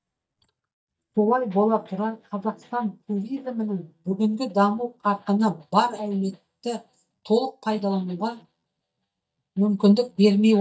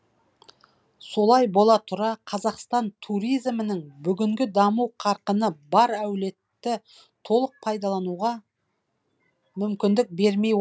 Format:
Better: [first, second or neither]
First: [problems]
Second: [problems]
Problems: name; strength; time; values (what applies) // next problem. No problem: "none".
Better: second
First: noise reduction (neural mask model DeepFilterNet 3)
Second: none